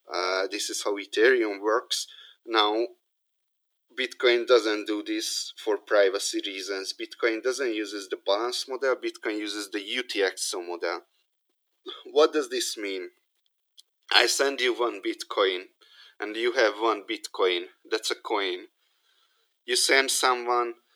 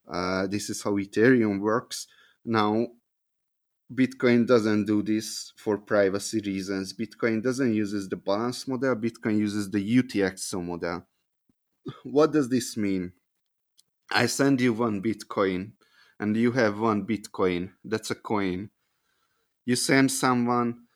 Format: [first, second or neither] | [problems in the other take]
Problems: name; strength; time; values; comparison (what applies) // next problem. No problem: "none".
second | thin; very; fading below 350 Hz